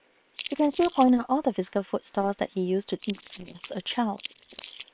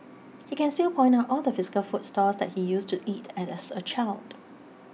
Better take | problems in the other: second | noise reduction (neural separator model SepFormer WHAM!)

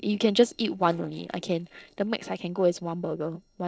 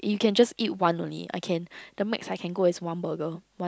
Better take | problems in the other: second | noise reduction (neural separator model SepFormer DNS4)

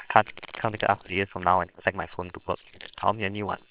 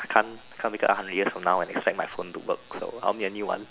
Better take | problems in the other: second | noise reduction (neural separator model SepFormer WHAMR!)

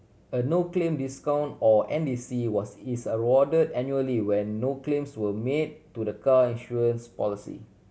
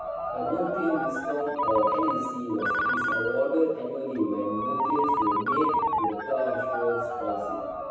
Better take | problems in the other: first | background sound (Ringtone); as loud as the speech // room echo; dies away in 1.1 s

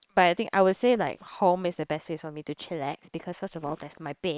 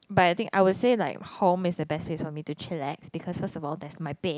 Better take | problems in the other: second | noise reduction (neural separator model SepFormer WHAM!)

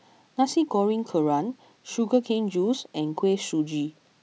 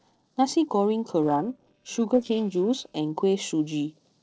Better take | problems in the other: first | noise reduction (neural separator model SepFormer DNS4)

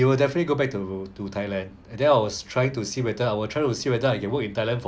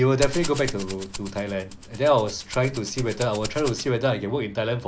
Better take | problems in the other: first | background sound (Rattle (instrument)); 9 dB below the speech

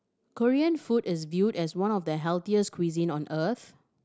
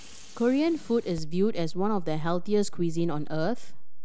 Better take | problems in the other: first | background sound (Bicycle); 2 dB below the speech

